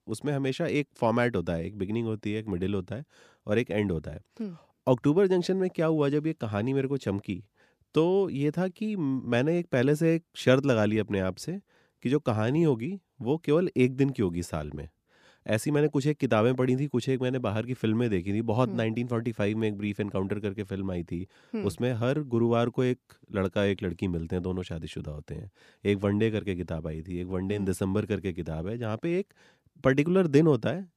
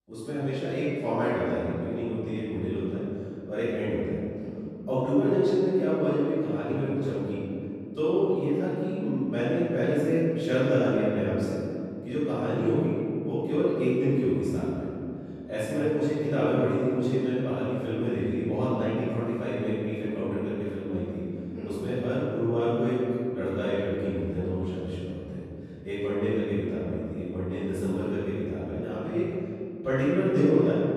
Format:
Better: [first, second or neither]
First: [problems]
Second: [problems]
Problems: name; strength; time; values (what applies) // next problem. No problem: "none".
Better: first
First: none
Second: off-mic speech; far // room echo; strong; dies away in 2.7 s